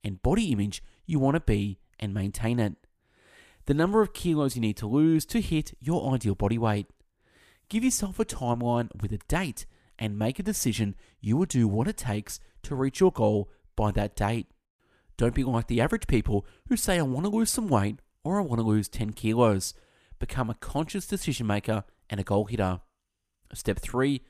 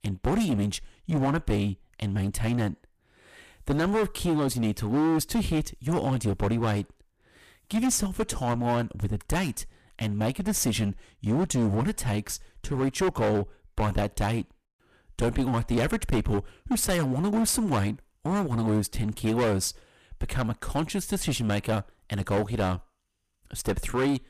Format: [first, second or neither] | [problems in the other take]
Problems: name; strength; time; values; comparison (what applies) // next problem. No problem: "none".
first | distortion; heavy; 14% of the sound clipped